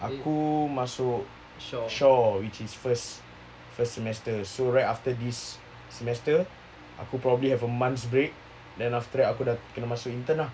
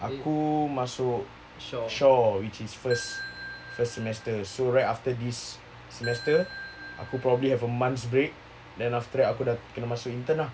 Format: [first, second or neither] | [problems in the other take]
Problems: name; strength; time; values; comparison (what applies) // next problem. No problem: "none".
first | background sound (Ringtone / Bell); 12 dB below the speech